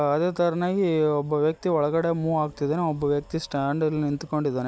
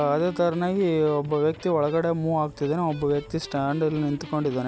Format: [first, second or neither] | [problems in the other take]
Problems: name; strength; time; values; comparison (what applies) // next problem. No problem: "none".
first | background sound (Electric guitar); 18 dB below the speech